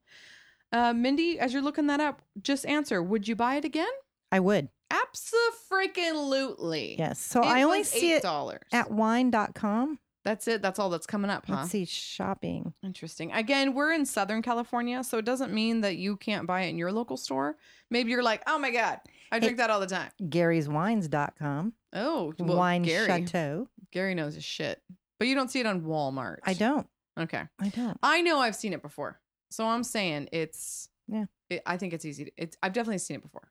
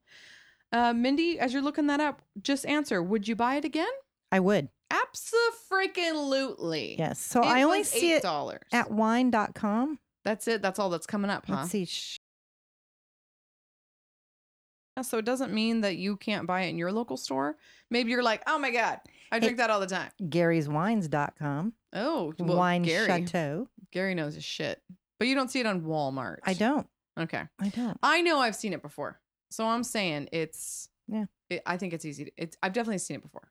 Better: first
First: none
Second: audio cutting out; at 12 s for 3 s

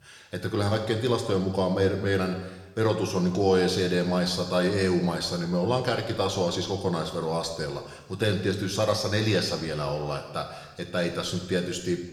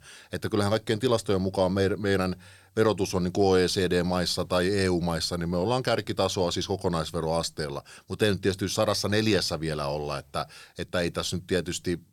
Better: second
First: room echo; slight; dies away in 1.1 s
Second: none

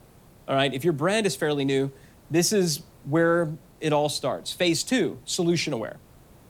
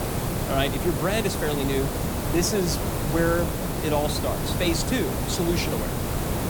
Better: first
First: hiss; faint; throughout; 30 dB below the speech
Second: hiss; loud; throughout; 1 dB below the speech

